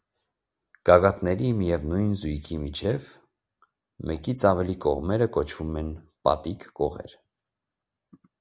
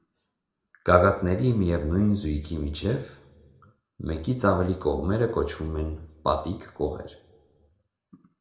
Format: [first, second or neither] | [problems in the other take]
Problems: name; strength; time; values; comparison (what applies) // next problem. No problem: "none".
first | room echo; dies away in 0.9 s